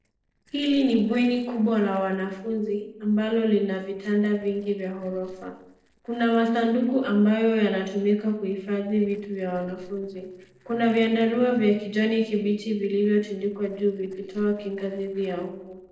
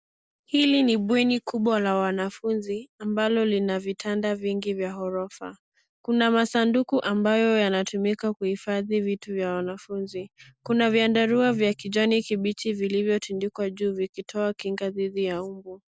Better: second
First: noise reduction (neural separator model SepFormer DNS4)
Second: none

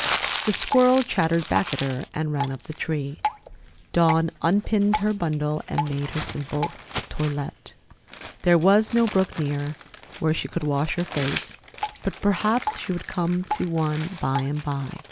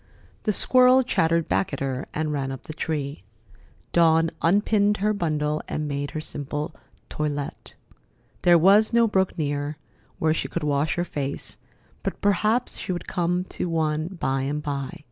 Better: second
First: background sound (Crumpling, crinkling + Drip); 9 dB below the speech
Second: none

